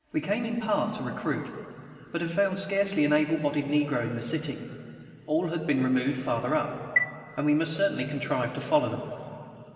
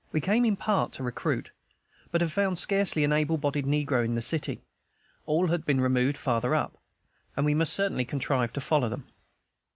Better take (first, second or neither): second